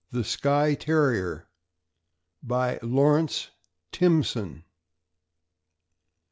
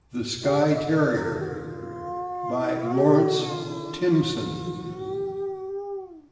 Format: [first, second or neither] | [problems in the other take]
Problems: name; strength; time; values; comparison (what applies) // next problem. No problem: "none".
first | background sound (Dog); 5 dB below the speech // room echo; dies away in 2.7 s